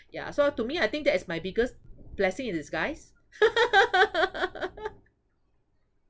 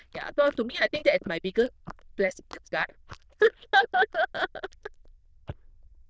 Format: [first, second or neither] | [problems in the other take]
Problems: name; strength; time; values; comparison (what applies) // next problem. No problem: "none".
first | noise reduction (neural diffusion model UNIVERSE++)